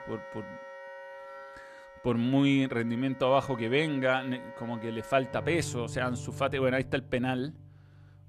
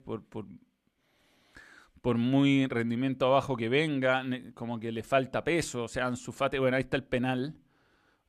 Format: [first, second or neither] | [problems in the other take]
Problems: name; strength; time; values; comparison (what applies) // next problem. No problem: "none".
second | background music; noticeable; throughout; 15 dB below the speech